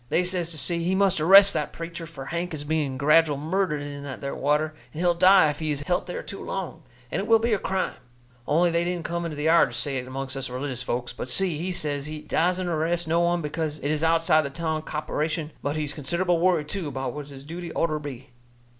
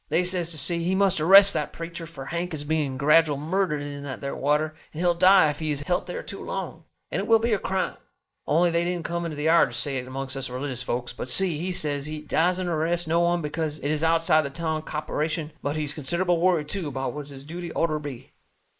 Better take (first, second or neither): first